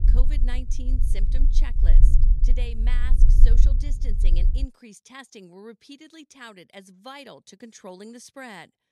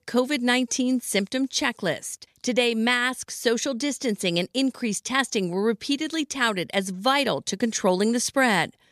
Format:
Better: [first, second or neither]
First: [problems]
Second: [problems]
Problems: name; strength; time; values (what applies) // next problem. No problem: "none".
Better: second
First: low rumble; loud; until 4.5 s; 5 dB below the speech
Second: none